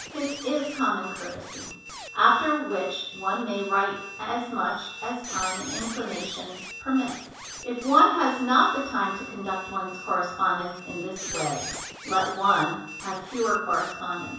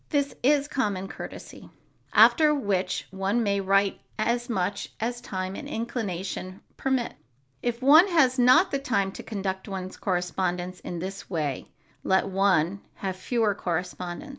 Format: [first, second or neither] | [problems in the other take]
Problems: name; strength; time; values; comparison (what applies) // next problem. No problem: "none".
second | background sound (Squeak); 13 dB below the speech // room echo; dies away in 0.7 s